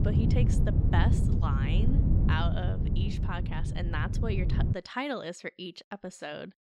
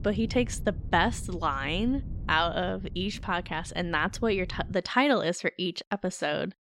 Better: second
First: wind noise on the microphone; heavy; until 4.5 s; 3 dB below the speech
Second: wind noise on the microphone; occasional gusts; until 4.5 s; 25 dB below the speech

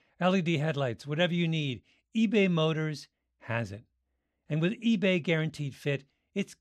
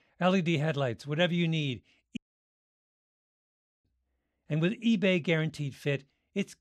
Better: first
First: none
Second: audio cutting out; at 2 s for 1.5 s

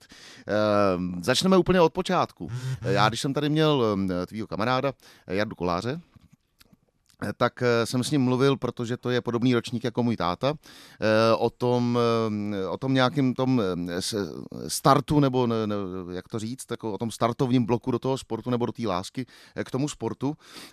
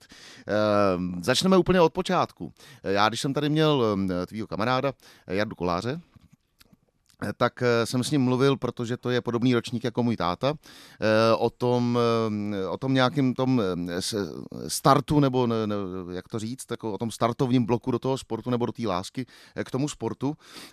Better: second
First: phone ringing; noticeable; at 2.5 s; peak 6 dB below the speech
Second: none

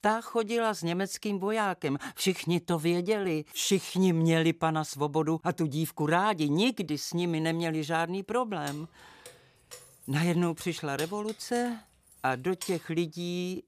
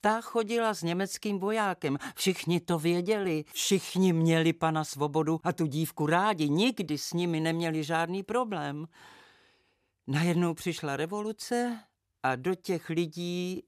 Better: second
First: jangling keys; faint; from 8.5 to 13 s; peak 10 dB below the speech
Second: none

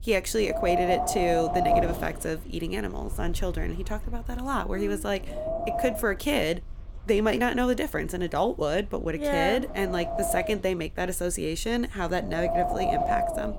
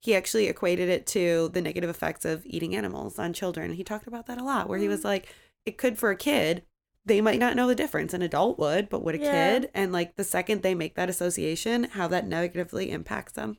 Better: second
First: wind noise on the microphone; heavy; 2 dB above the speech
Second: none

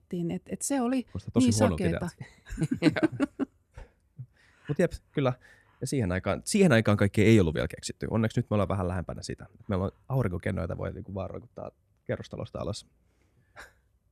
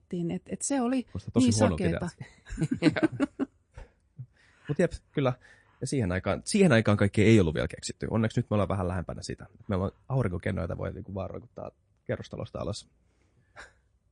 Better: first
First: none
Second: garbled, watery; slightly

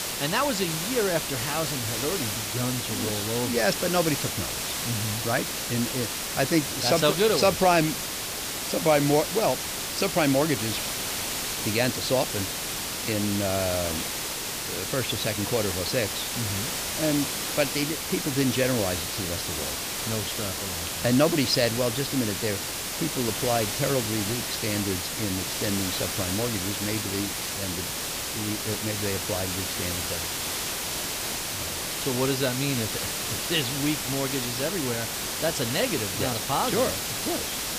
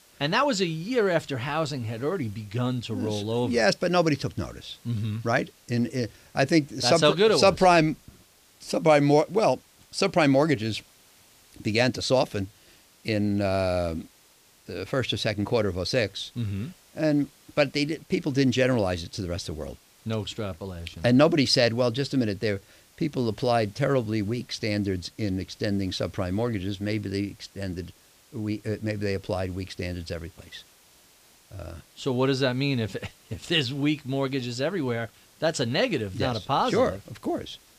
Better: second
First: hiss; loud; throughout; 1 dB below the speech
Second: hiss; faint; throughout; 30 dB below the speech

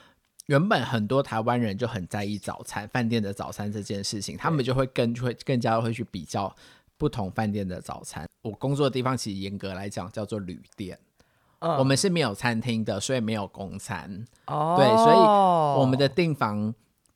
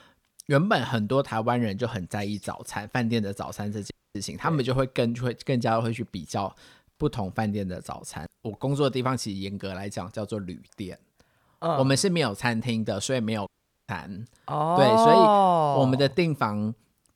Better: first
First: none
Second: audio cutting out; at 4 s and at 13 s

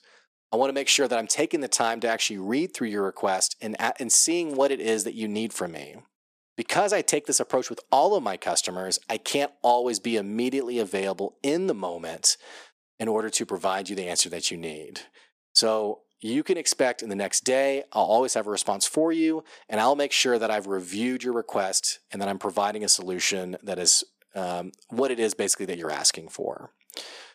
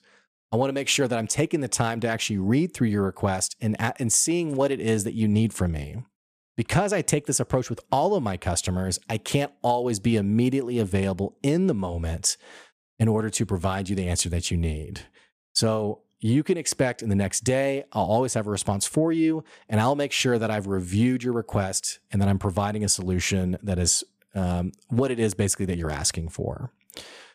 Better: second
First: thin; somewhat; fading below 300 Hz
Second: none

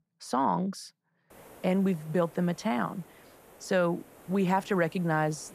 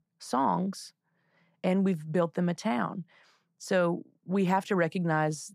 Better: second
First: hiss; faint; from 1.5 s on; 25 dB below the speech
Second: none

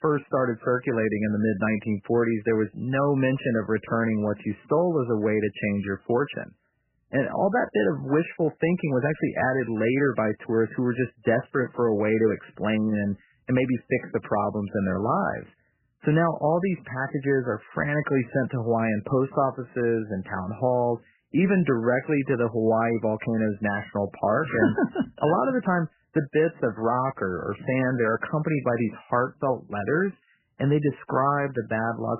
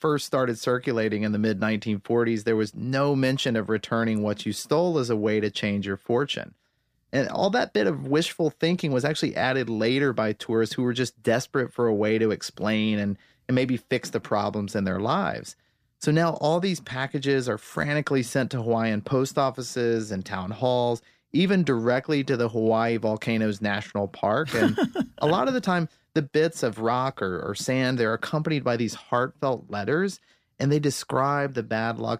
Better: second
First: garbled, watery; badly; nothing above 3 kHz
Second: none

